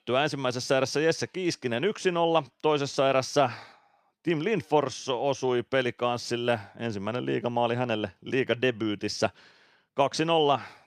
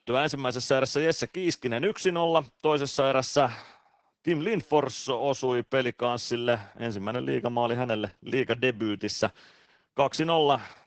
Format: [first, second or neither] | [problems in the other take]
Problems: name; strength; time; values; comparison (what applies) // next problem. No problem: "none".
first | garbled, watery; badly